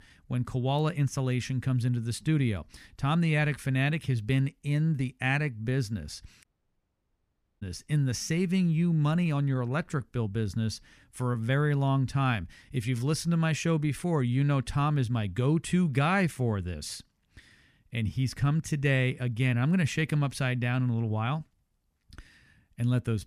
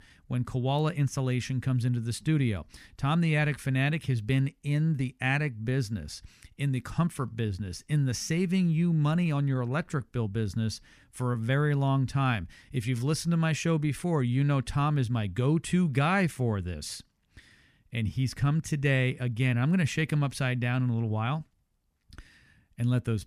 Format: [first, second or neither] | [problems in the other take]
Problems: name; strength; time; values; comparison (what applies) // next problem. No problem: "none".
second | audio cutting out; at 6.5 s for 1 s